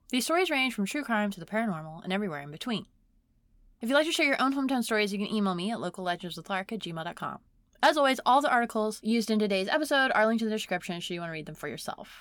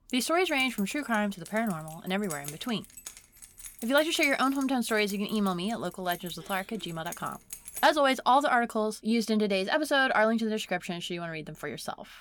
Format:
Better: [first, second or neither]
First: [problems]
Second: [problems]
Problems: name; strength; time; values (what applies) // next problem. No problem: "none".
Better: first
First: none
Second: jangling keys; faint; until 8 s; peak 10 dB below the speech